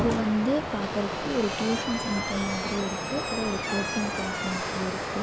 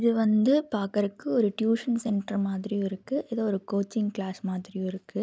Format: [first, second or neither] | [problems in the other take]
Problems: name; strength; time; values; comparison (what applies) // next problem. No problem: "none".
second | background sound (Water + Squeak / Slam); 1 dB below the speech